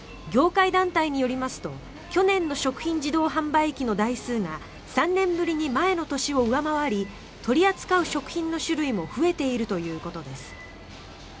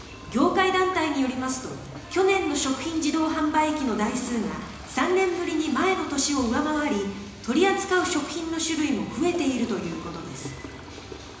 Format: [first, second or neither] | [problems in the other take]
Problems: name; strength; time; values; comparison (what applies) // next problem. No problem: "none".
first | background sound (Toilet flush / Gurgling); 20 dB below the speech // room echo; dies away in 1 s